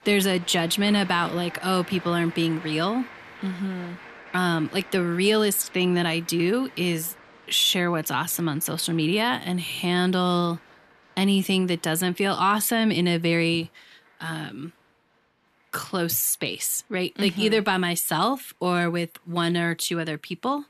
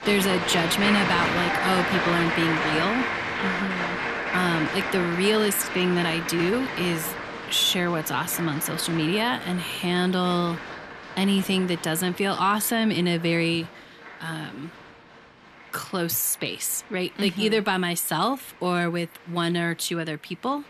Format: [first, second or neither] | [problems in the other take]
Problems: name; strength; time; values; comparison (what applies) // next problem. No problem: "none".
first | crowd noise; loud; throughout; 3 dB below the speech; faint in the first